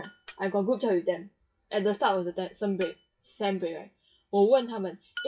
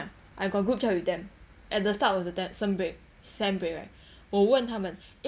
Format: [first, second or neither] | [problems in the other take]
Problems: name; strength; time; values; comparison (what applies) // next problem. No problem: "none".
second | noise reduction (classical method WPE with log-MMSE)